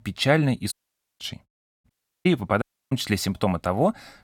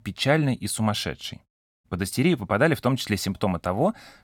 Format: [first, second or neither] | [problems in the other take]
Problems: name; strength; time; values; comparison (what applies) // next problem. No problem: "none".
second | audio cutting out; at 0.5 s, at 2 s and at 2.5 s